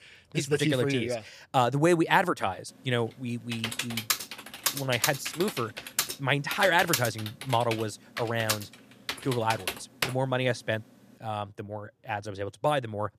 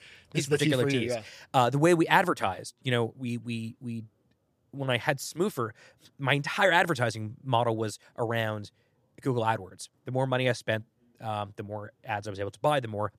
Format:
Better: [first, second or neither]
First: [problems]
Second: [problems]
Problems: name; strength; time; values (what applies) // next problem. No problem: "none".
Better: second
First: keyboard typing; loud; from 3.5 to 10 s; peak level with the speech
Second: none